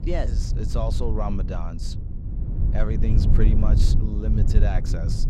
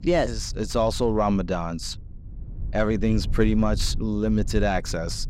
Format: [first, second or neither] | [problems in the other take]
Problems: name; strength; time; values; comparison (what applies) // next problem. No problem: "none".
second | low rumble; loud; throughout; 5 dB below the speech; faint in the second